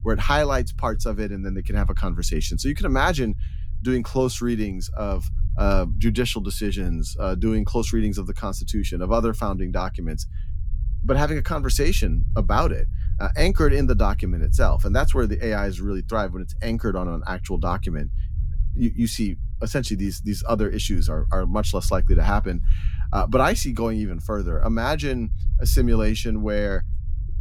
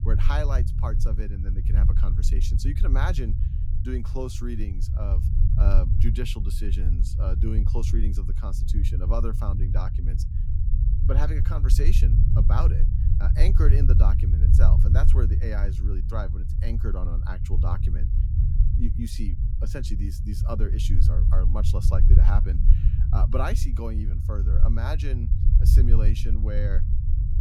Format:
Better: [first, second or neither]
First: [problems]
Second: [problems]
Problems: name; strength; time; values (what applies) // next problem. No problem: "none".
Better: first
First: low rumble; faint; throughout; 20 dB below the speech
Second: low rumble; loud; throughout; 4 dB below the speech